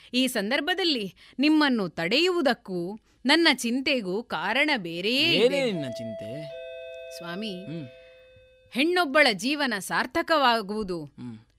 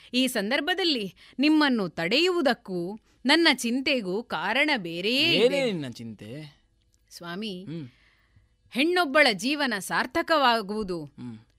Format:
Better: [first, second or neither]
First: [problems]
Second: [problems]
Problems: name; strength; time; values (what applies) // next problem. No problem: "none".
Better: second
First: doorbell; faint; from 5.5 to 8.5 s; peak 10 dB below the speech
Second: none